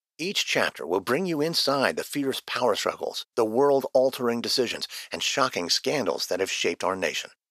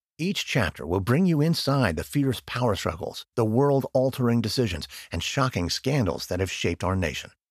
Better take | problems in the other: second | thin; somewhat; fading below 400 Hz

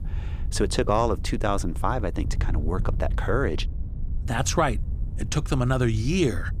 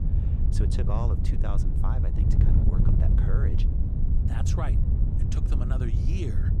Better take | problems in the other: first | wind noise on the microphone; heavy; 1 dB above the speech; occasional gusts in the first

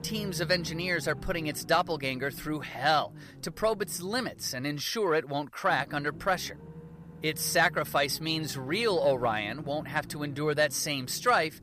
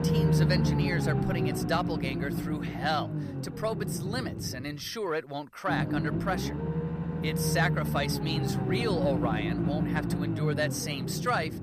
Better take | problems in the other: first | low rumble; loud; throughout; 4 dB below the speech; faint in the first

